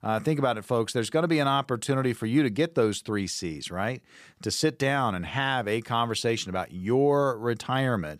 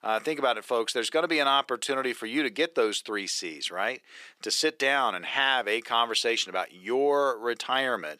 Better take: first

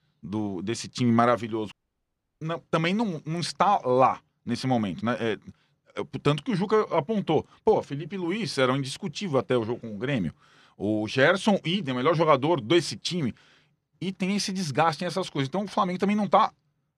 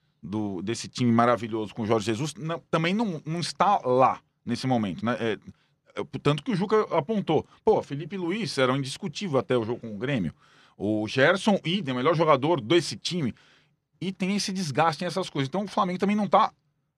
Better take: second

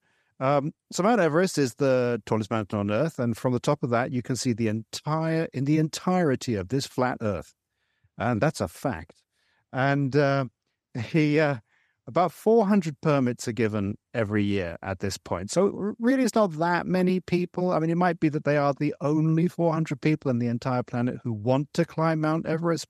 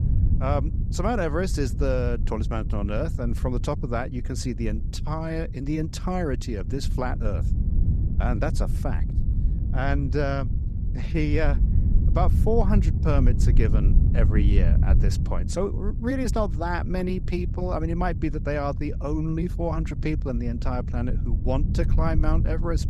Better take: first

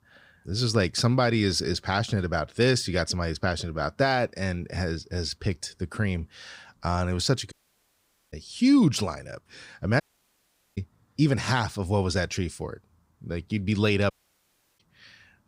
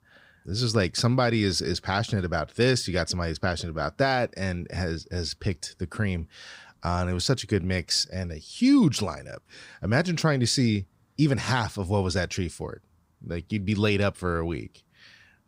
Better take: second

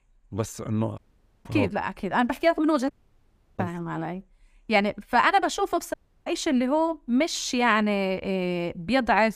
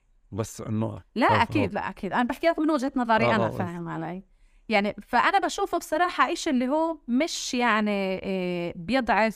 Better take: second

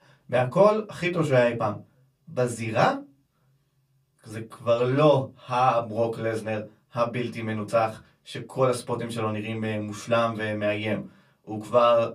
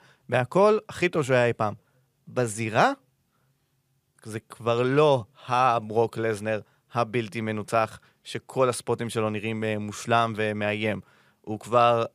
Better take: second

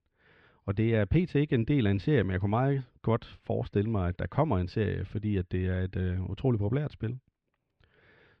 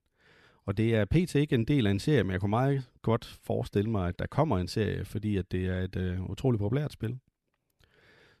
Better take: second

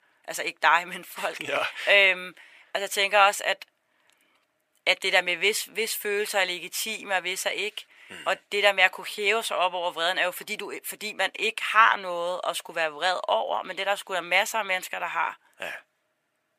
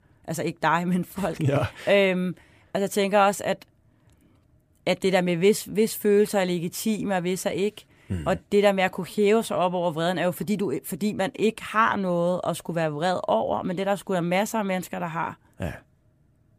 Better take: second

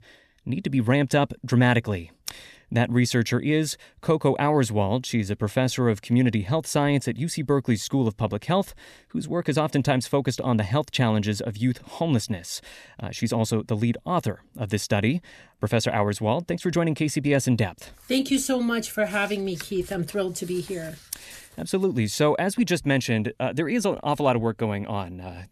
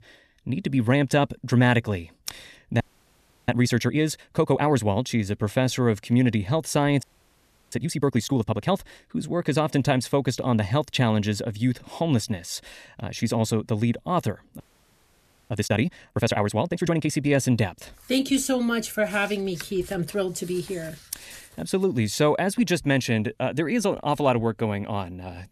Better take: first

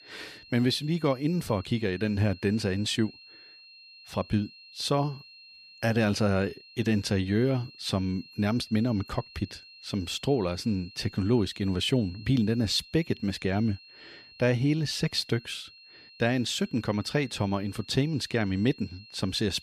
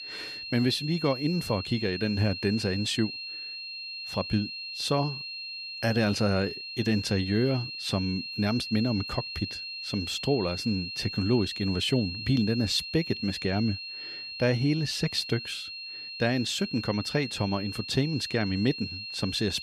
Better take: first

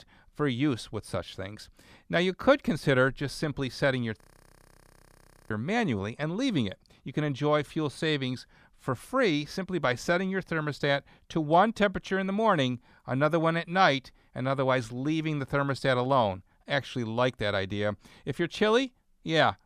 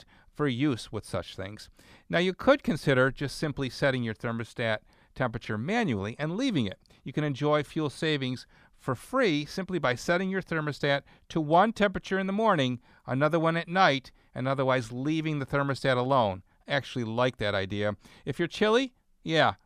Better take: second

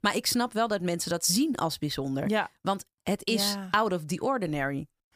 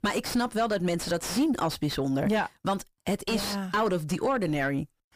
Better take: first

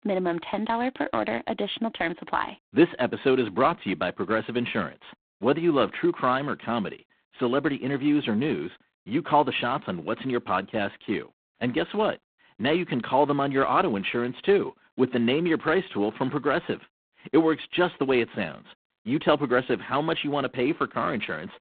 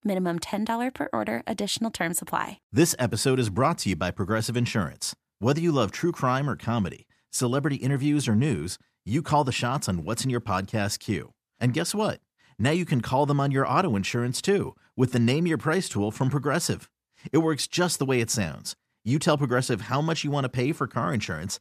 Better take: second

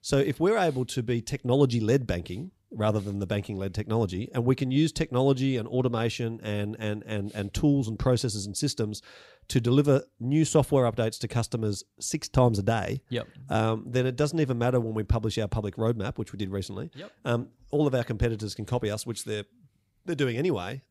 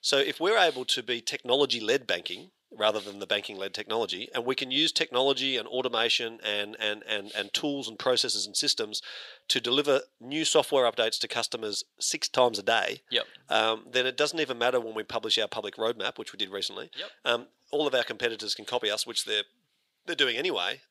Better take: first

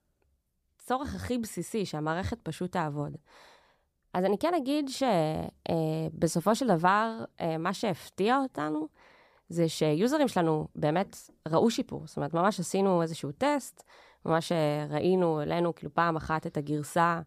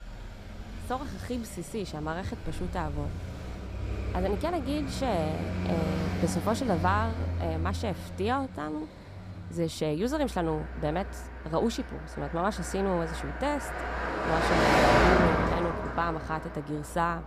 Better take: first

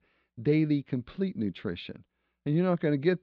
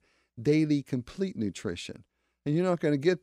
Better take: second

